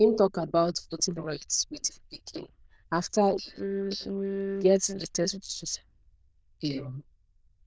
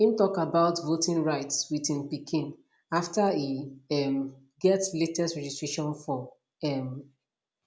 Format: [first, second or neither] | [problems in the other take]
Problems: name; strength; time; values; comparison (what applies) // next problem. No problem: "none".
second | noise reduction (neural diffusion model UNIVERSE++)